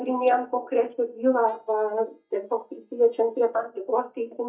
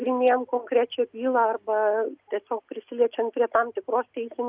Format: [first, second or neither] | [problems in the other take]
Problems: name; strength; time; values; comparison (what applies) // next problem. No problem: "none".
second | noise reduction (neural mask model DeepFilterNet 3)